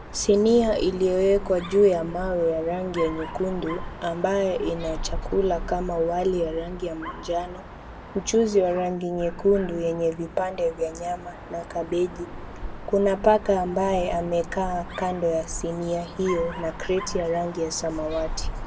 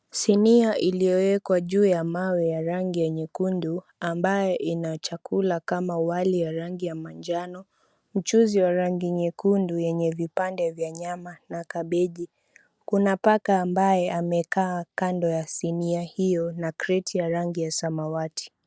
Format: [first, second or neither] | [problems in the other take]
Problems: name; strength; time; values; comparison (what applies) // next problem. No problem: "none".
second | background sound (Dog); 11 dB below the speech // room echo; dies away in 1.1 s